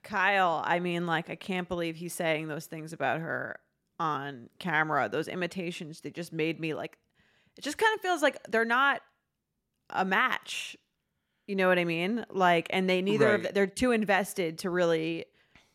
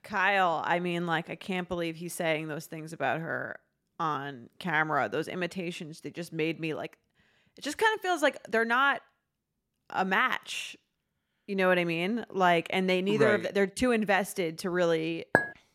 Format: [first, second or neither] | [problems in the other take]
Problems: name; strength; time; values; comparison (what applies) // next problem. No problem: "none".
first | clattering dishes; loud; at 15 s; peak 1 dB above the speech